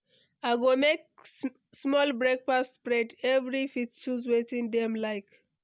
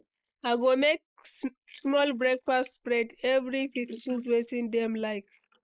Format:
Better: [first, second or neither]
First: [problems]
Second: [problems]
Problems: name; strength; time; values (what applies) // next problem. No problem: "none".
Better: first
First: none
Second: noise reduction (neural mask model Resemble Enhance denoiser)